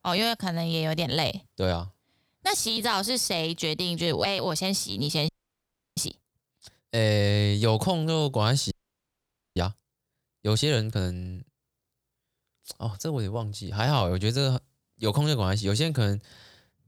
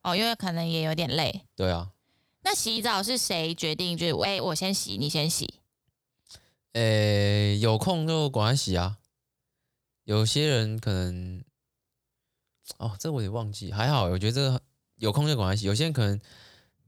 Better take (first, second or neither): second